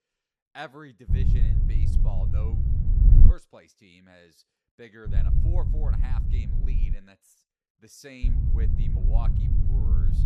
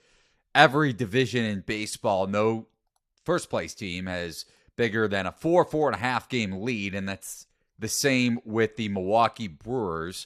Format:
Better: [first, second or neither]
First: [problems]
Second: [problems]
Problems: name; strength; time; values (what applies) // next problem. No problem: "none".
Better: second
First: wind noise on the microphone; heavy; from 1 to 3.5 s, from 5 to 7 s and from 8 s on; 2 dB above the speech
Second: none